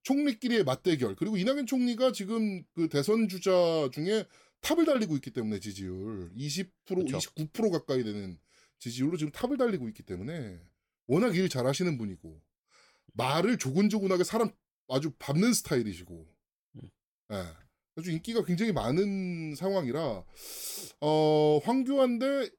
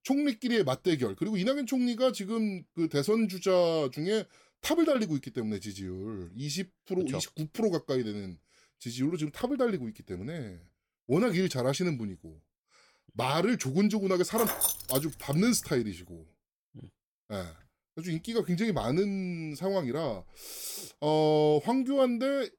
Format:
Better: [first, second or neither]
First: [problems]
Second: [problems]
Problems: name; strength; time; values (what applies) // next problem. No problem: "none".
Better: first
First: none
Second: jangling keys; loud; at 14 s; peak 3 dB above the speech